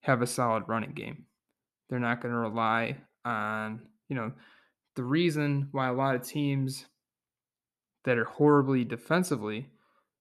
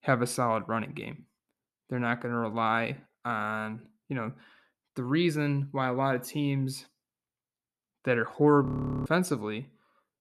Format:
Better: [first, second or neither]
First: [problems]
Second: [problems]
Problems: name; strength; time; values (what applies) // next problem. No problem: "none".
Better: first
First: none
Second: audio freezing; at 8.5 s